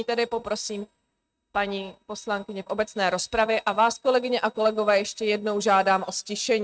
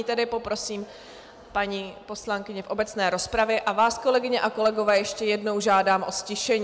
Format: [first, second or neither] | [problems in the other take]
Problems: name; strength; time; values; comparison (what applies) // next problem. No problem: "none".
second | noise reduction (neural mask model RNNoise)